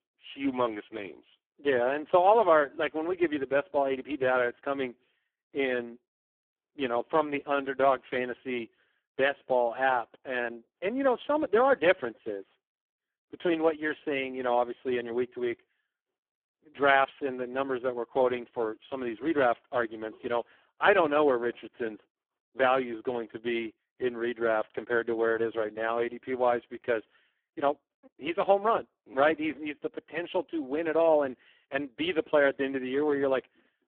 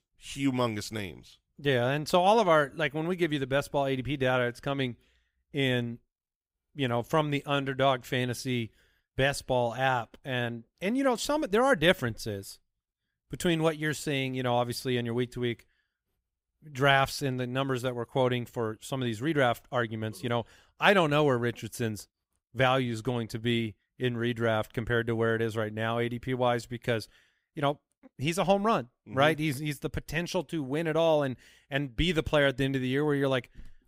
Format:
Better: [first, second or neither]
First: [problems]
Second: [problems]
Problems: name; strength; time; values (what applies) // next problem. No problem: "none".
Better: second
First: phone-call audio; poor line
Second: none